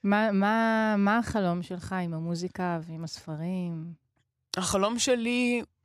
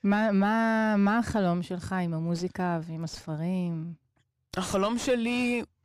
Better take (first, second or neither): first